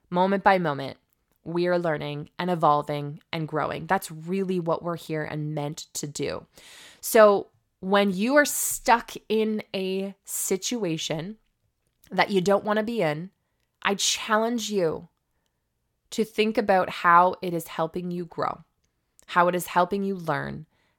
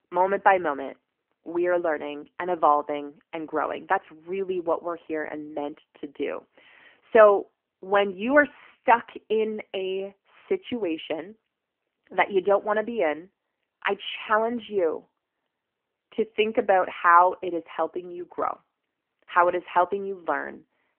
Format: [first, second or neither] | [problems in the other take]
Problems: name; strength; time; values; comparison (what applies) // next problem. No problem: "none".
first | phone-call audio; nothing above 3 kHz